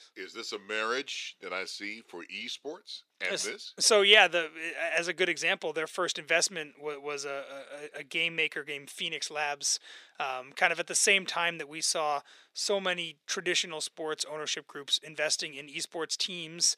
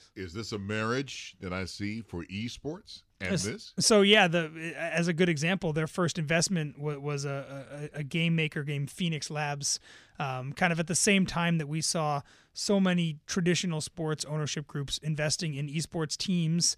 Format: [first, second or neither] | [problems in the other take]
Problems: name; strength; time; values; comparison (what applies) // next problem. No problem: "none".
second | thin; very; fading below 400 Hz